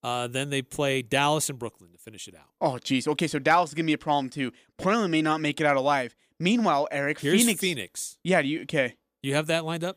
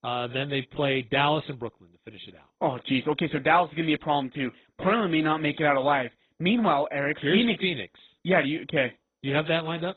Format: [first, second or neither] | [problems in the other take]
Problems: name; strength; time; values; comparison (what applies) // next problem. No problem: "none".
first | garbled, watery; badly; nothing above 4 kHz